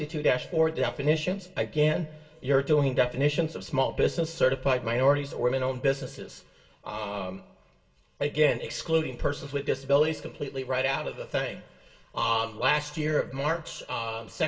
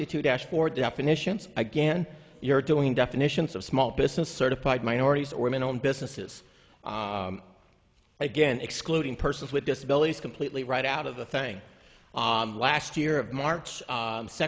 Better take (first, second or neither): second